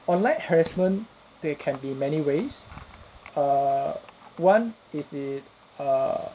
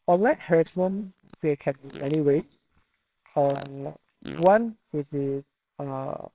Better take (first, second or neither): first